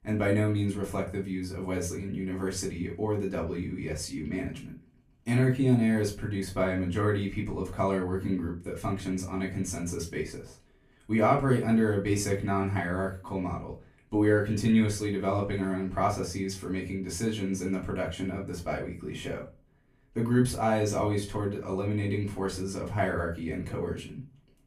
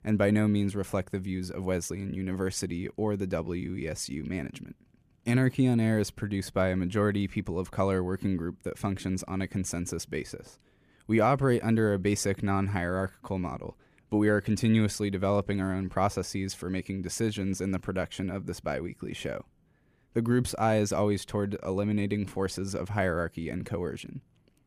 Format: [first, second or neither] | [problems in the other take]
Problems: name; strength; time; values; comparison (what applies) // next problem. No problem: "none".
second | off-mic speech; far // room echo; very slight; dies away in 0.3 s